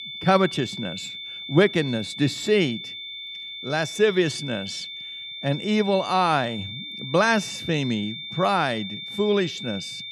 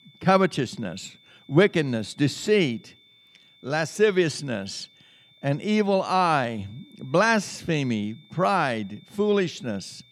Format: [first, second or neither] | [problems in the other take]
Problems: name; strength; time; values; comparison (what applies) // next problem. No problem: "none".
second | high-pitched whine; loud; throughout; 3.5 kHz, 9 dB below the speech; faint in the second